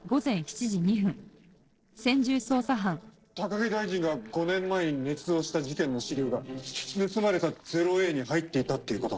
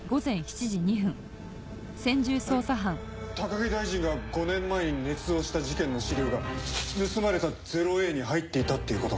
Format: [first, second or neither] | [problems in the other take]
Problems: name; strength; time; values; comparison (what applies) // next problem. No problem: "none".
second | noise reduction (neural separator model SepFormer DNS4)